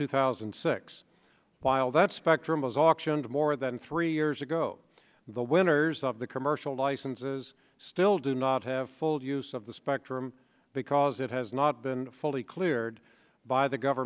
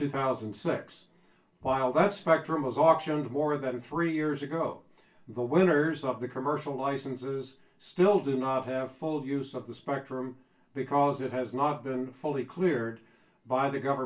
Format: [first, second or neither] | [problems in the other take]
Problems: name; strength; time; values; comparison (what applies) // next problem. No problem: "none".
first | background sound (Bowed string instrument); 14 dB below the speech // room echo; dies away in 0.2 s